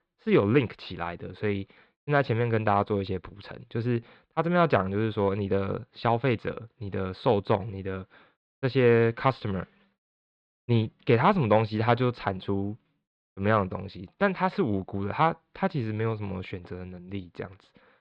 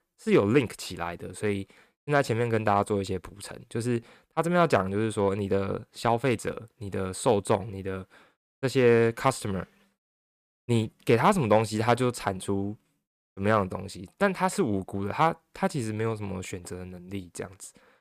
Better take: second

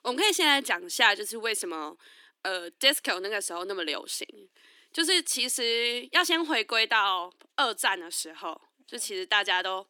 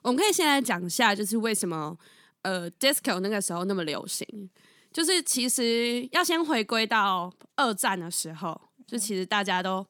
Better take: second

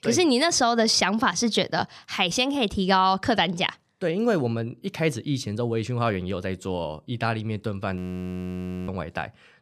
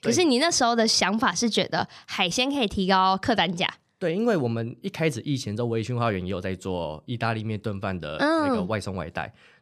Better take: second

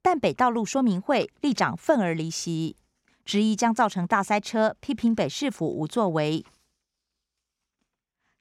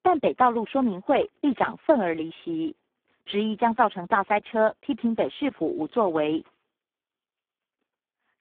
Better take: first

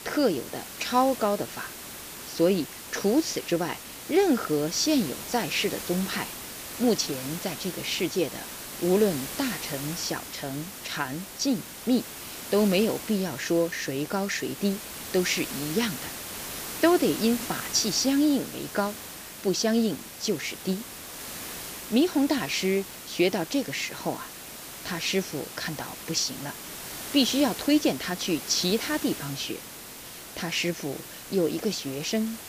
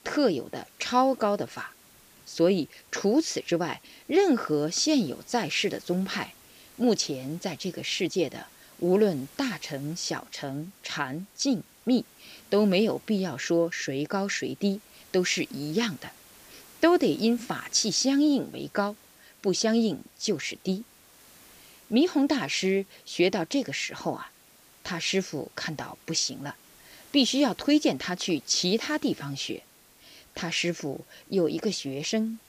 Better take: second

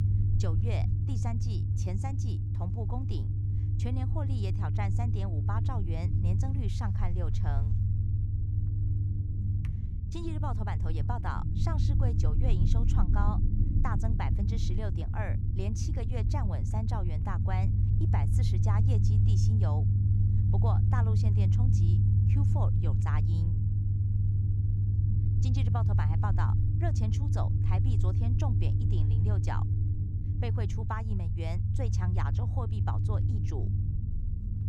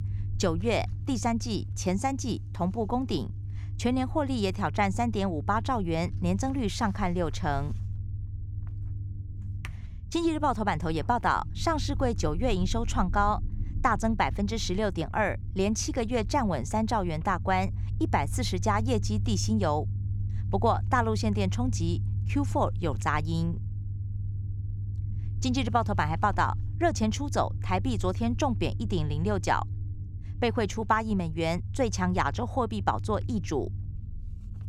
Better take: second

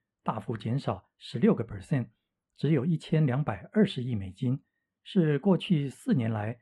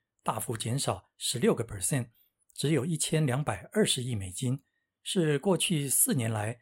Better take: second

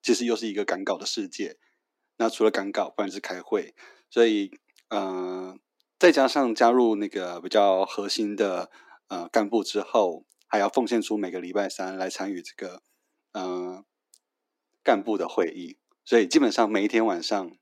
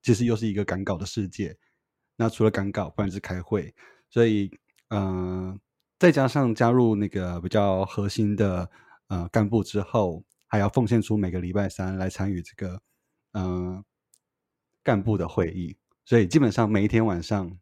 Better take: second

